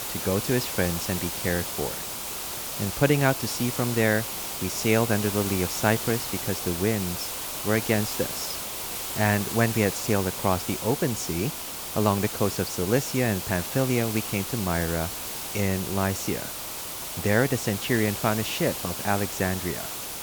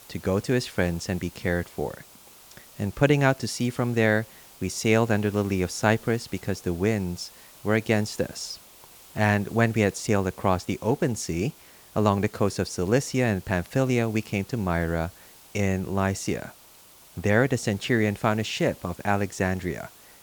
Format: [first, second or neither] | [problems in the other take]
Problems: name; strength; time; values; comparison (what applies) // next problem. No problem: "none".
second | hiss; loud; throughout; 4 dB below the speech; faint in the second